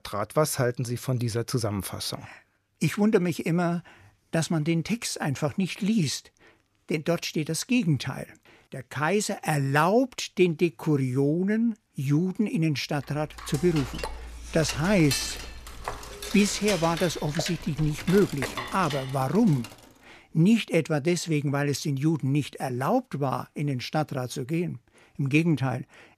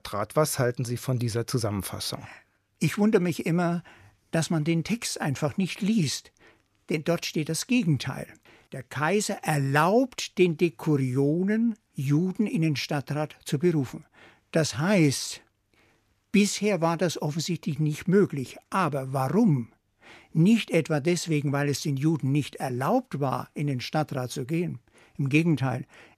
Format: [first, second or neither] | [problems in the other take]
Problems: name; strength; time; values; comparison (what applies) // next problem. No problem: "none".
second | clattering dishes; noticeable; from 13 to 20 s; peak 5 dB below the speech